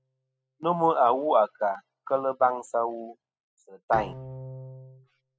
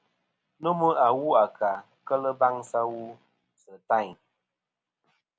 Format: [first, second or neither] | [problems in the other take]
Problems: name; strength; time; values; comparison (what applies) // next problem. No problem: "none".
second | noise reduction (classical method spectral subtraction)